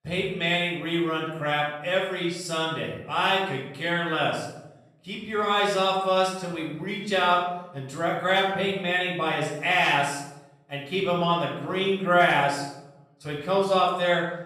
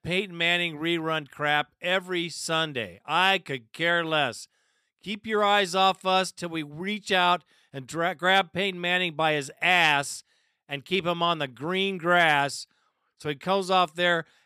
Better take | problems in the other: second | off-mic speech; far // room echo; noticeable; dies away in 0.8 s

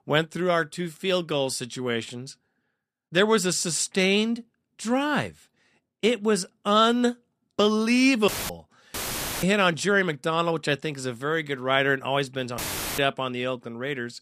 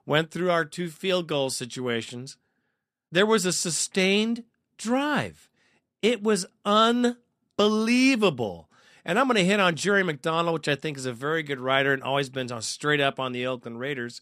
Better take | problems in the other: second | audio cutting out; filled with static; at 8.5 s, at 9 s and at 13 s

